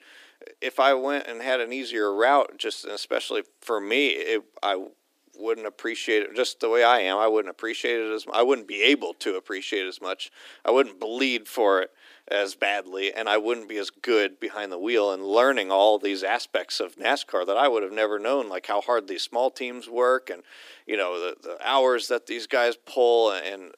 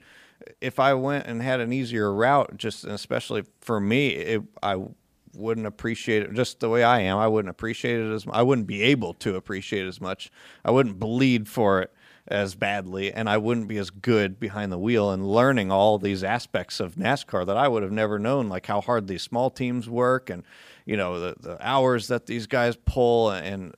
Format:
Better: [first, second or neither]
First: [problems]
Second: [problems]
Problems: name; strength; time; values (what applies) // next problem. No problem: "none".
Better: second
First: thin; somewhat; fading below 300 Hz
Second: none